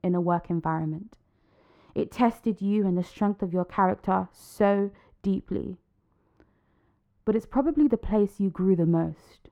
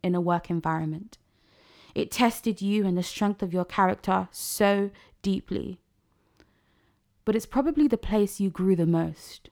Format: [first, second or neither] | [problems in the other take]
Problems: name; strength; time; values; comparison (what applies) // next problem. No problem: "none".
second | muffled; very; fading above 2 kHz